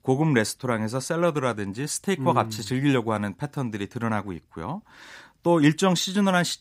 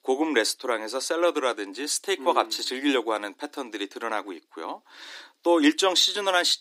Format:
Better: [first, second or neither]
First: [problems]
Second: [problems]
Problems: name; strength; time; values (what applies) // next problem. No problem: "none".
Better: first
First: none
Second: thin; somewhat; fading below 300 Hz